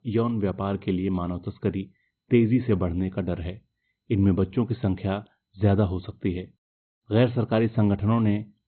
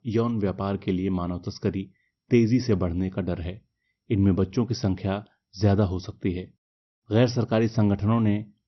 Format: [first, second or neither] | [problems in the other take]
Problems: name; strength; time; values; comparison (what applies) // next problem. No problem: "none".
second | garbled, watery; badly; nothing above 4 kHz; slightly in the second